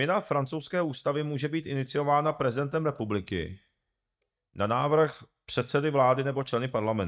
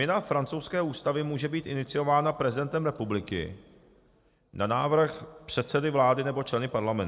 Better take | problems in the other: second | noise reduction (neural mask model DeepFilterNet 3)

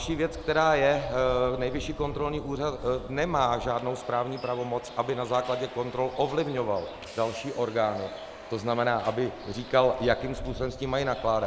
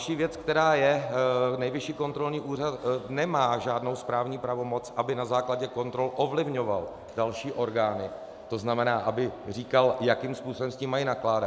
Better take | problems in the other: second | background sound (Bus); 15 dB below the speech

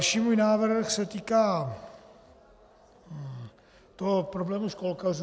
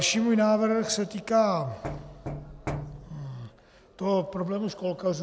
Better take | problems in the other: first | background sound (Knock); 10 dB below the speech

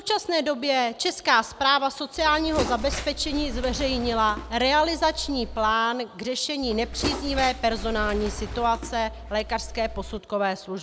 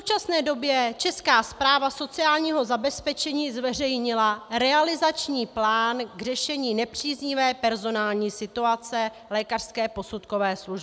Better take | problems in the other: second | background sound (Bird); 8 dB below the speech

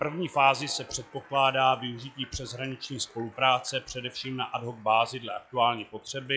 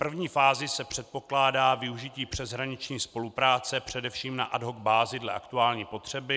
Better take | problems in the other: second | noise reduction (classical method log-MMSE)

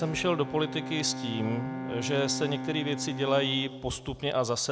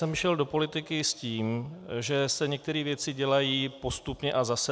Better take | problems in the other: second | background sound (Bowed string instrument); 7 dB below the speech

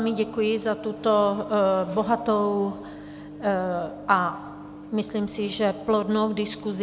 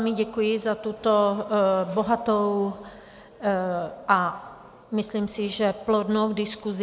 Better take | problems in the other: second | background sound (Microwave oven); 16 dB below the speech

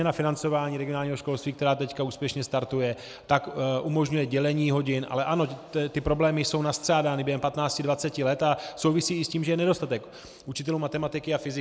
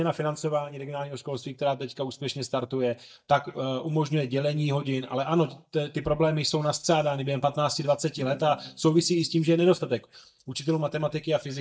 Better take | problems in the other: first | noise reduction (neural mask model DeepFilterNet 3)

